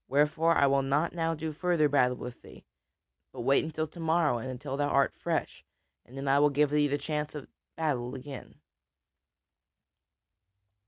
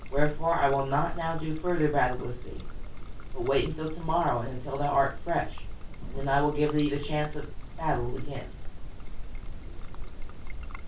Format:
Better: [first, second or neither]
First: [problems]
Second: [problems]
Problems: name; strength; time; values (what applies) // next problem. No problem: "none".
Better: first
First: none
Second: background sound (Trickle, dribble); 2 dB below the speech // room echo; dies away in 0.2 s